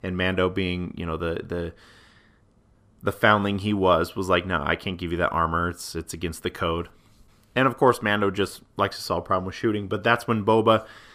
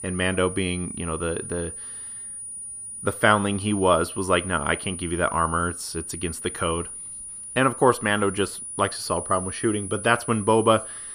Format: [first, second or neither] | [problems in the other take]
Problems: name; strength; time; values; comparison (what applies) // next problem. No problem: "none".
first | high-pitched whine; loud; throughout; 9.5 kHz, 9 dB below the speech